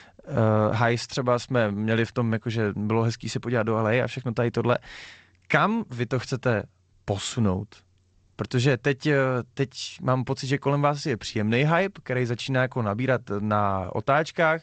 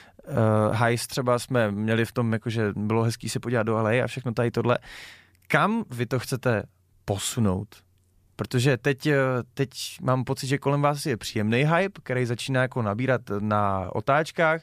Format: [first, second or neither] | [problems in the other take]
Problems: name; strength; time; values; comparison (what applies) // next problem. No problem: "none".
second | garbled, watery; slightly; nothing above 8 kHz